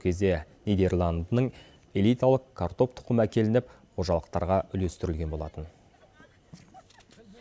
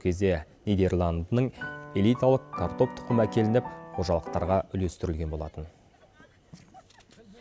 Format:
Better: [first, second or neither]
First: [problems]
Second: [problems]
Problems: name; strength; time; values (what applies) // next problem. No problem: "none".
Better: first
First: none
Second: background sound (Piano); 10 dB below the speech